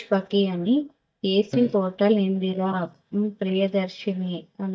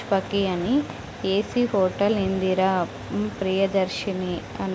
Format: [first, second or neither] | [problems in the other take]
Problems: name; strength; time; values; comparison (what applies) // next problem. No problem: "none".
second | noise reduction (neural mask model DeepFilterNet 3)